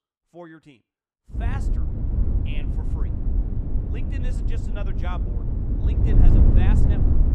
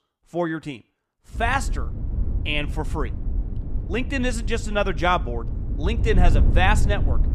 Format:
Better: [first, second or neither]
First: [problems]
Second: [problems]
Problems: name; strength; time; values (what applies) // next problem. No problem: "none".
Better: second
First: wind noise on the microphone; heavy; from 1.5 s on; 3 dB above the speech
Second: wind noise on the microphone; occasional gusts; from 1.5 s on; 15 dB below the speech